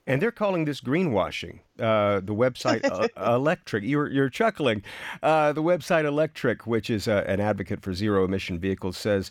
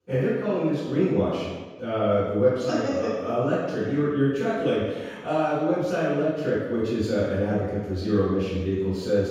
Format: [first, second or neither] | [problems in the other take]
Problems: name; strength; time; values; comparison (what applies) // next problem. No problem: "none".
first | room echo; strong; dies away in 1.1 s // off-mic speech; far